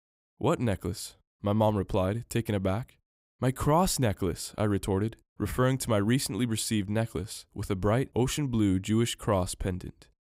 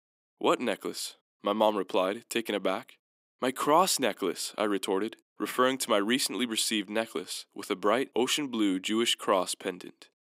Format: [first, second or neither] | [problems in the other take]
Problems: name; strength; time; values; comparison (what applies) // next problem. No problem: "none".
first | thin; somewhat; fading below 250 Hz